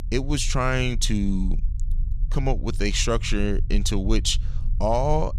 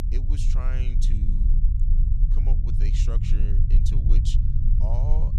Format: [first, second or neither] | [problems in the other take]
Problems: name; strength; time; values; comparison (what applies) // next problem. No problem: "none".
first | low rumble; loud; throughout; 1 dB below the speech; faint in the first